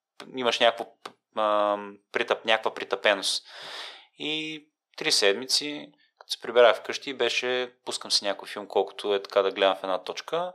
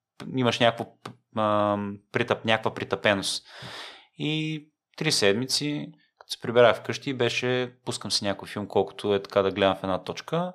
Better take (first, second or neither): second